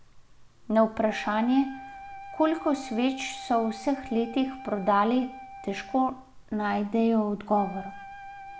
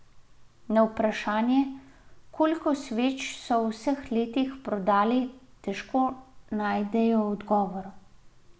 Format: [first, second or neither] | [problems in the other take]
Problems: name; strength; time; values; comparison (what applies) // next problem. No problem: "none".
second | background sound (Wind instrument, woodwind instrument); 16 dB below the speech